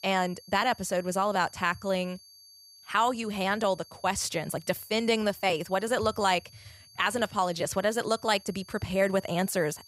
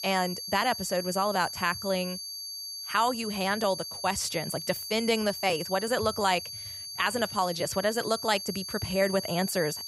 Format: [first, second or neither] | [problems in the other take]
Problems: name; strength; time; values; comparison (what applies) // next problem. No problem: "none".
first | high-pitched whine; loud; throughout; 4.5 kHz, 7 dB below the speech; faint in the first